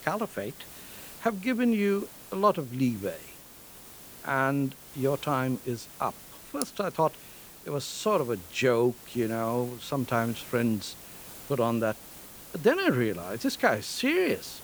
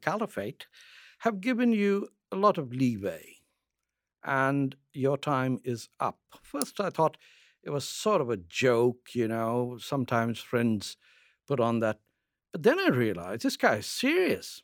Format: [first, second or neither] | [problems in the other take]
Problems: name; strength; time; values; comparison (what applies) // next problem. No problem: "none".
second | hiss; noticeable; throughout; 15 dB below the speech